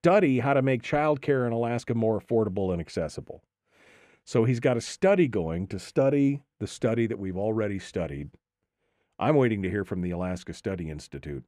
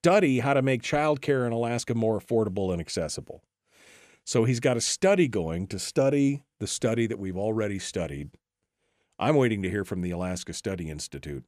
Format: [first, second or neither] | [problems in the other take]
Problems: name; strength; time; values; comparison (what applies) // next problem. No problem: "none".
second | muffled; slightly; fading above 3.5 kHz